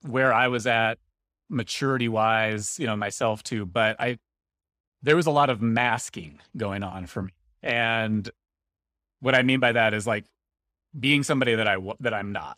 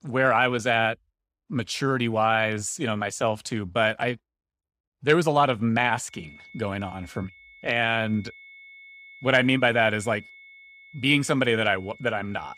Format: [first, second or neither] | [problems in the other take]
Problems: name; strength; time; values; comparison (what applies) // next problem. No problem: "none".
first | high-pitched whine; faint; from 6 s on; 2 kHz, 20 dB below the speech